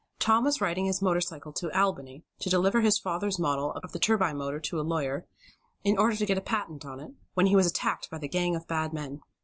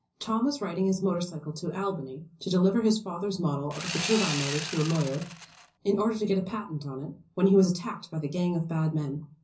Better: first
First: none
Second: background sound (Sawing); 7 dB below the speech // room echo; dies away in 0.5 s

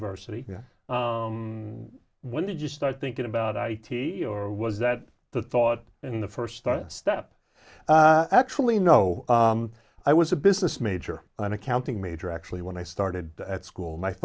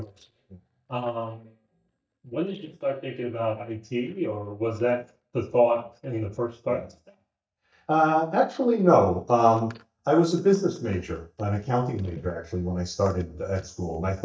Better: first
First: none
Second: noise reduction (neural mask model DeepFilterNet 3)

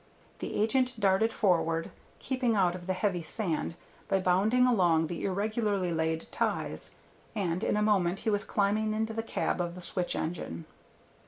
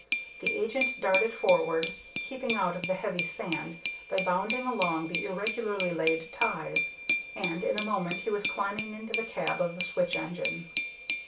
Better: first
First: none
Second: background sound (Glass); 4 dB below the speech // room echo; dies away in 0.3 s

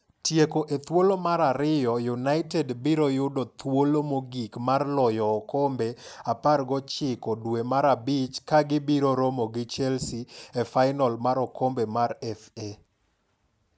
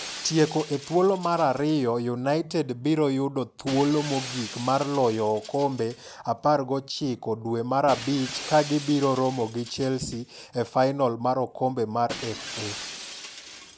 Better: first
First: none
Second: background sound (Shatter); 15 dB below the speech

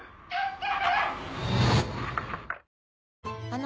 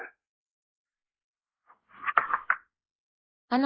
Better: first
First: none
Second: noise reduction (neural mask model Resemble Enhance denoiser)

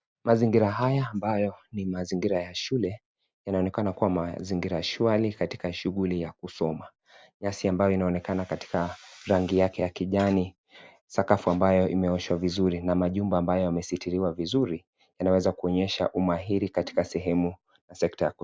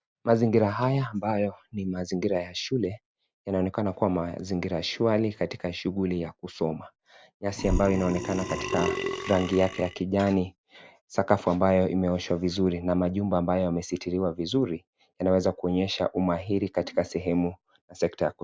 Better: first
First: none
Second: background sound (Burping, eructation); 5 dB below the speech

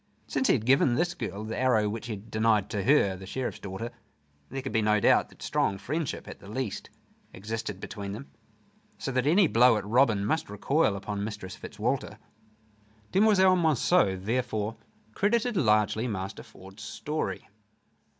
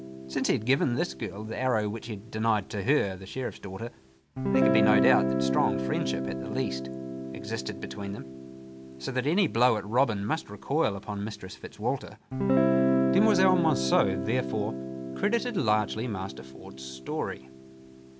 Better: first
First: none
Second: background sound (Guitar); 2 dB below the speech

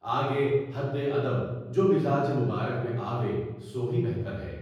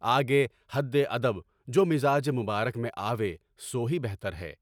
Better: second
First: room echo; dies away in 1.3 s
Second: none

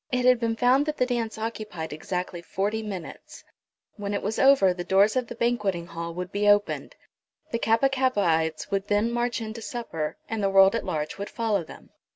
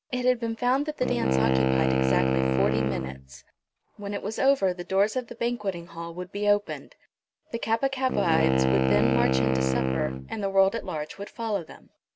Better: first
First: none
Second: background sound (Wind instrument, woodwind instrument); 2 dB above the speech

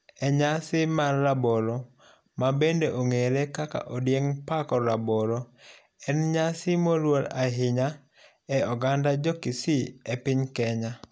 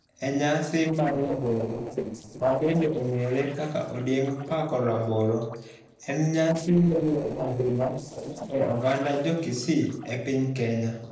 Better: first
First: none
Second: noise reduction (neural separator model SepFormer DNS4)

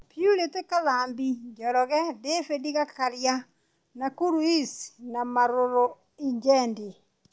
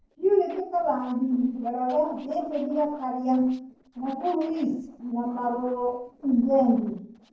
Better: first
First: none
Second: noise reduction (neural separator model SepFormer DNS4)

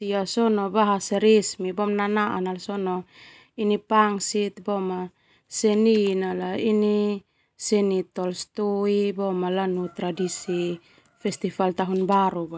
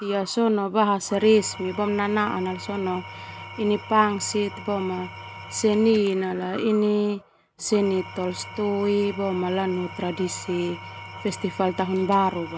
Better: first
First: none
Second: background sound (Engine / Tools); 15 dB below the speech

